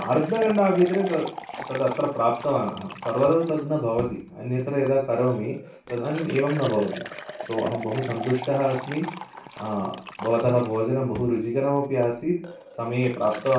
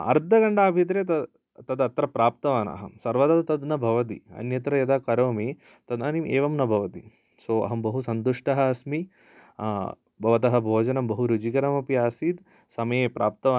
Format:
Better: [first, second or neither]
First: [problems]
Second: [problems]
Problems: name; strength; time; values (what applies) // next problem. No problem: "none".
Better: second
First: background sound (Liquid); 13 dB below the speech // room echo; dies away in 0.4 s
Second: none